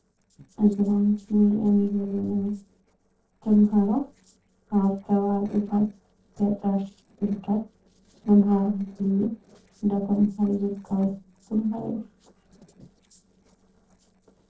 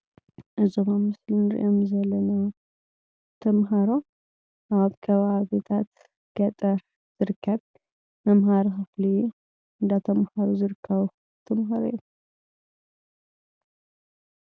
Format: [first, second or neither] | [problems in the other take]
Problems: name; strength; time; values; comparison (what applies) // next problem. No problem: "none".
second | noise reduction (neural separator model SepFormer DNS4)